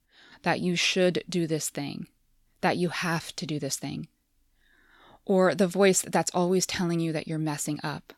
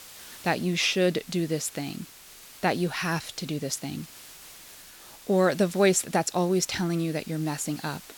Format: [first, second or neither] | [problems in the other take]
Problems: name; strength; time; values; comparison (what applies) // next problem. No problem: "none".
first | hiss; noticeable; throughout; 20 dB below the speech